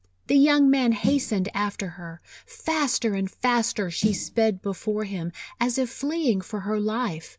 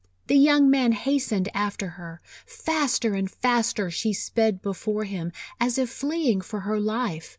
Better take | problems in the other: second | background sound (Snare drum); 11 dB below the speech

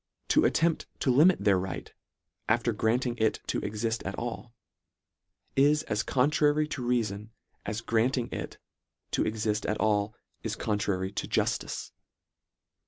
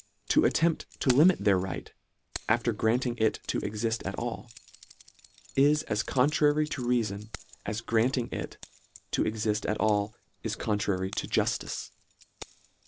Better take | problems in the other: first | background sound (Keys jangling); 20 dB below the speech

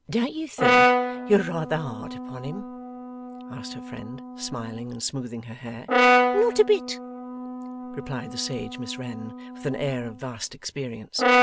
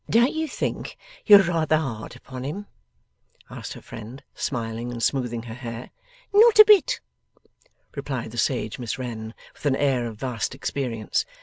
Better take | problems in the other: second | background sound (Brass instrument); 3 dB above the speech

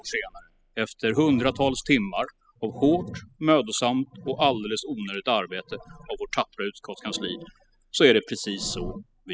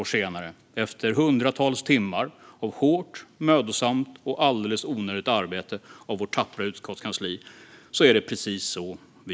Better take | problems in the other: second | noise reduction (classical method spectral subtraction)

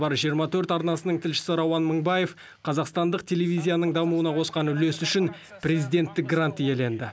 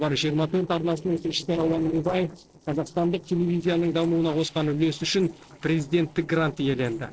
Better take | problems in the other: first | noise reduction (neural separator model SepFormer DNS4)

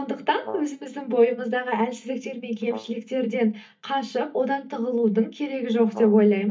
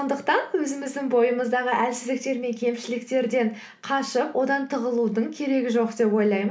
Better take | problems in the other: second | noise reduction (neural mask model DeepFilterNet 3)

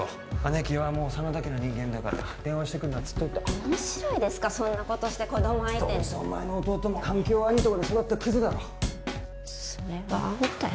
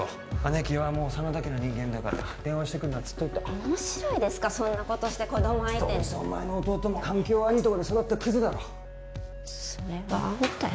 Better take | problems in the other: second | background sound (Drum / Drum kit); 5 dB below the speech

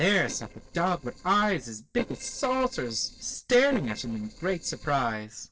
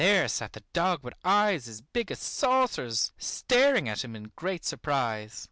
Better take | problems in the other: second | noise reduction (neural separator model SepFormer DNS4)

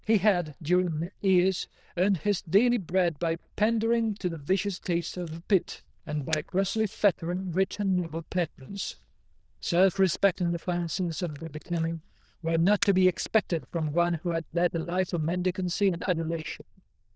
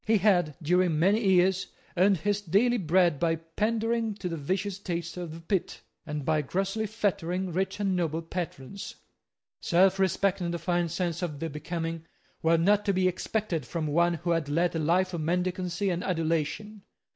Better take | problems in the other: second | noise reduction (neural diffusion model UNIVERSE++)

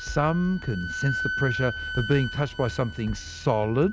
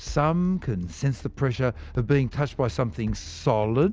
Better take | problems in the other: second | background sound (Wind instrument, woodwind instrument); 9 dB below the speech

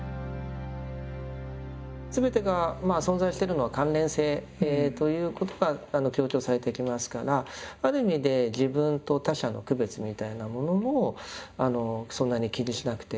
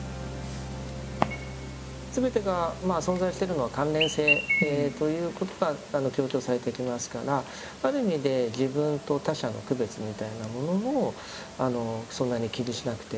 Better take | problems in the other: first | background sound (Chirp, tweet); 8 dB below the speech

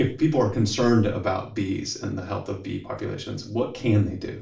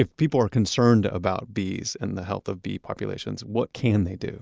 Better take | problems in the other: second | room echo; dies away in 0.4 s

